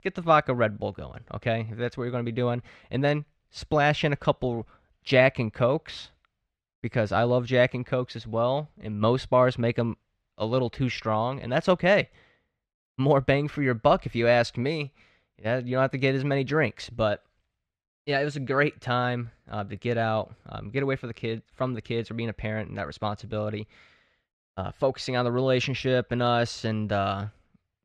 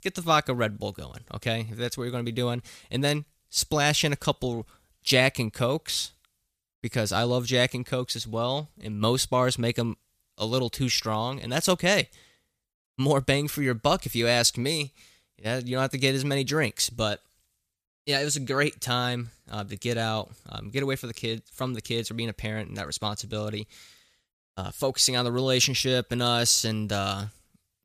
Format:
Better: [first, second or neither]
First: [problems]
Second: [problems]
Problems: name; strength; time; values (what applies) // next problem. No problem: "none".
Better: second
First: muffled; very; fading above 2 kHz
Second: none